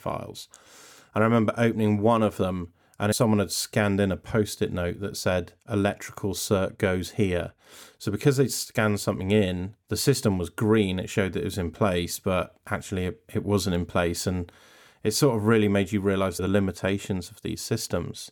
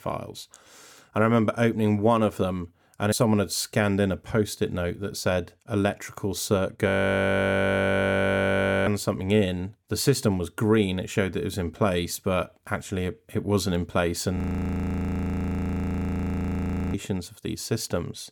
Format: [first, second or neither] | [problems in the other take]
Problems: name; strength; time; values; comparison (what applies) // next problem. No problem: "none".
first | audio freezing; at 7 s for 2 s and at 14 s for 2.5 s